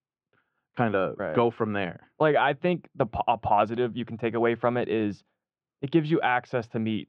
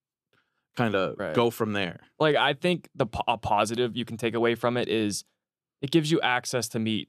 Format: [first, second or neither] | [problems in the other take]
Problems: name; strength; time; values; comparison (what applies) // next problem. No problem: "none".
second | muffled; very; fading above 2.5 kHz